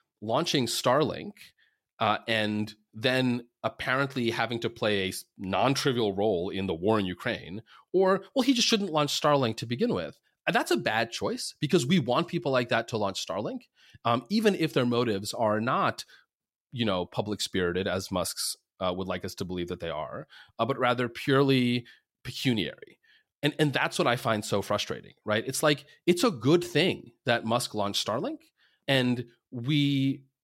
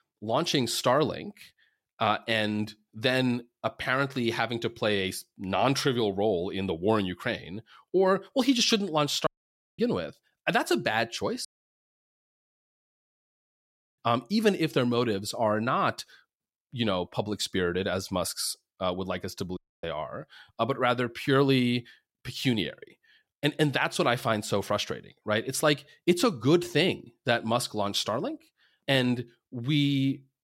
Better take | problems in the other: first | audio cutting out; at 9.5 s for 0.5 s, at 11 s for 2.5 s and at 20 s

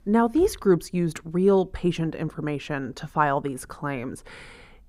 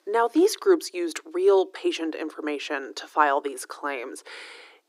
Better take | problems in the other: first | thin; very; fading below 300 Hz

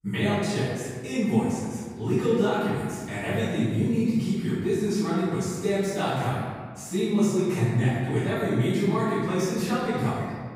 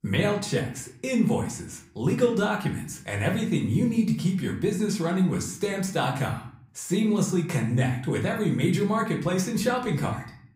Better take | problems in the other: second | room echo; strong; dies away in 1.6 s; slight in the second // off-mic speech; far; somewhat distant in the second

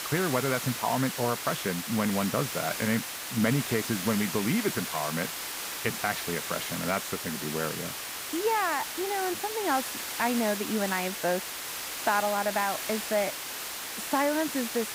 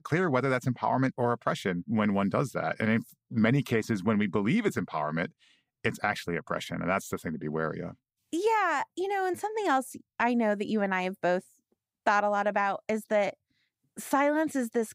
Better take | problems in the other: second | hiss; loud; throughout; 4 dB below the speech

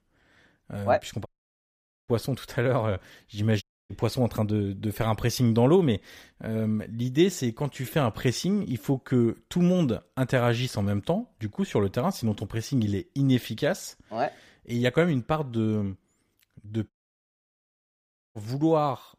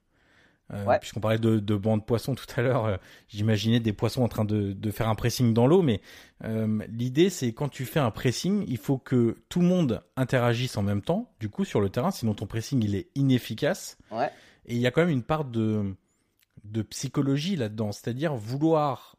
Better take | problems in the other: second | audio cutting out; at 1.5 s for 1 s, at 3.5 s and at 17 s for 1.5 s

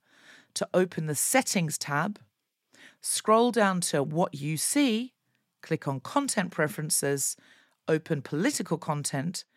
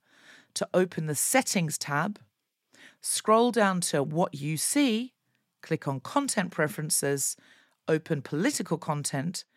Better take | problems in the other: neither | none

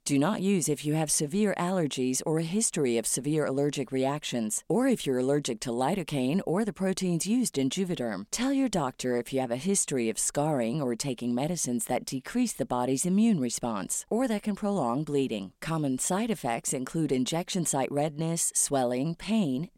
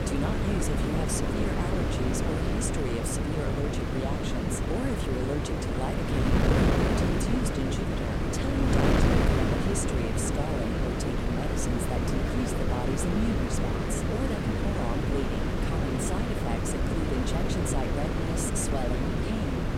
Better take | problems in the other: first | wind noise on the microphone; heavy; 4 dB above the speech

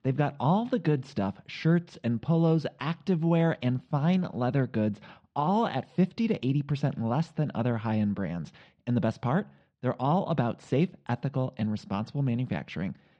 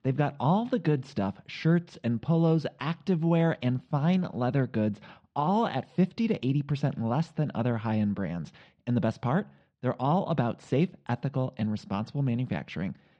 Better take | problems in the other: neither | muffled; very; fading above 3 kHz; the same in both

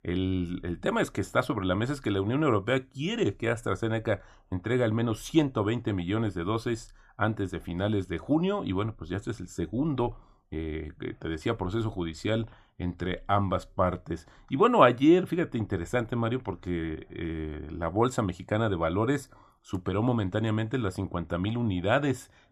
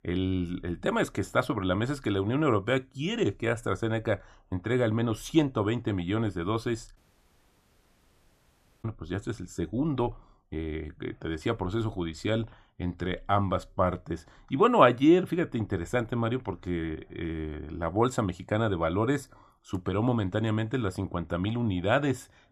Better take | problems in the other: first | audio cutting out; at 7 s for 2 s

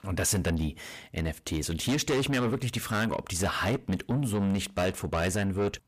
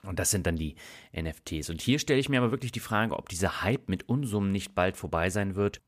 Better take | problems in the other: second | distortion; heavy; 7 dB below the speech

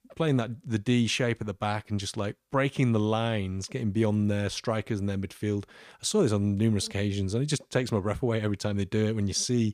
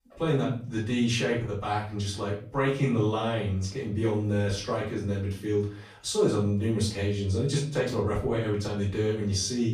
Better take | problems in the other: first | off-mic speech; far // room echo; noticeable; dies away in 0.4 s

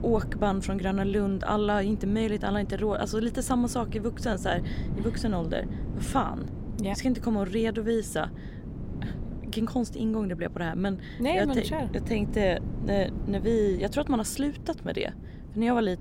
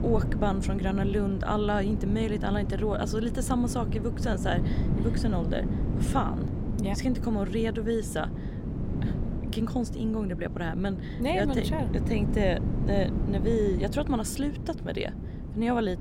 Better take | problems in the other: first | wind noise on the microphone; heavy; 8 dB below the speech; occasional gusts in the first

